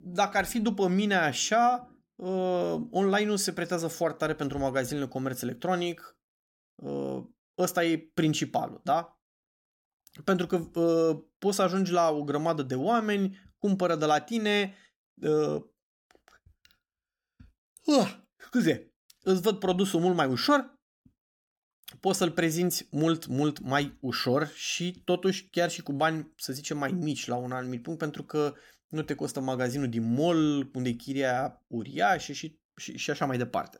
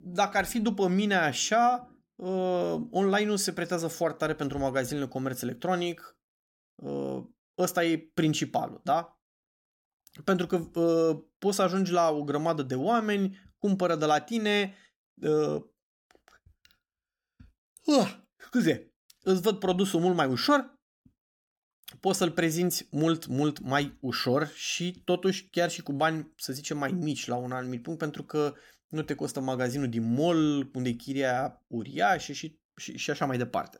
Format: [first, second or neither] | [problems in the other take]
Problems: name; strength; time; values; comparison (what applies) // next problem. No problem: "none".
neither | none